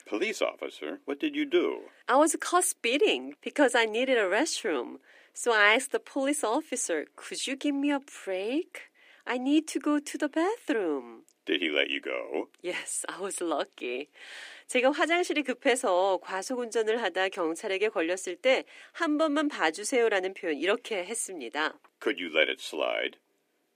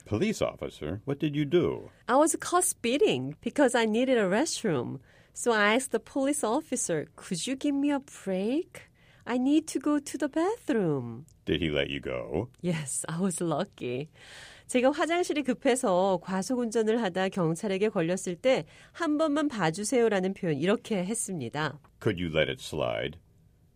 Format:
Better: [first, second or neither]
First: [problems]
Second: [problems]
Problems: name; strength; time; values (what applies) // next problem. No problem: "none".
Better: second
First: thin; very slightly; fading below 300 Hz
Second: none